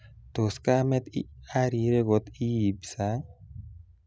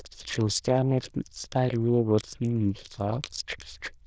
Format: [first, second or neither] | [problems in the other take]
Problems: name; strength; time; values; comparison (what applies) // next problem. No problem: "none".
first | noise reduction (neural diffusion model UNIVERSE++)